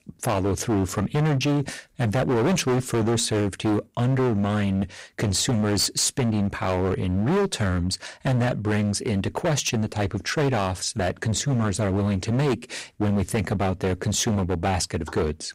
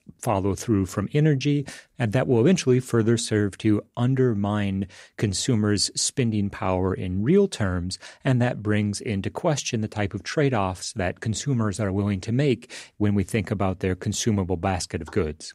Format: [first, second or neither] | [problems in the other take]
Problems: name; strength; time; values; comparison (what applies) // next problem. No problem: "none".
second | distortion; heavy; 20% of the sound clipped